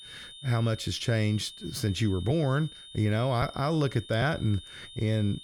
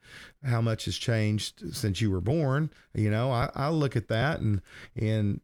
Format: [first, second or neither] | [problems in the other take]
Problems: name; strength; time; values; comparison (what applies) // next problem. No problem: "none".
second | high-pitched whine; noticeable; throughout; 3.5 kHz, 15 dB below the speech